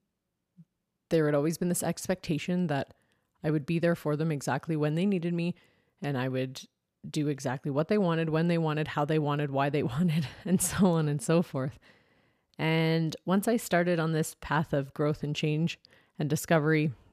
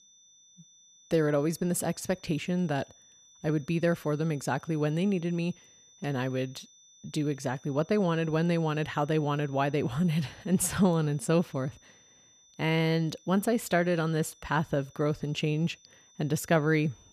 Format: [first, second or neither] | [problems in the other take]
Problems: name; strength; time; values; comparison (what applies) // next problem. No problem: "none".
first | high-pitched whine; faint; throughout; 6 kHz, 25 dB below the speech